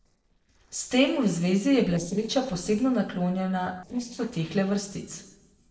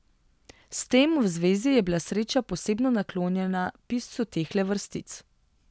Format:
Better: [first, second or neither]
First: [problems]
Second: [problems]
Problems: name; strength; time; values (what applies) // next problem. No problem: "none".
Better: second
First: noise reduction (neural separator model SepFormer DNS4)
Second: none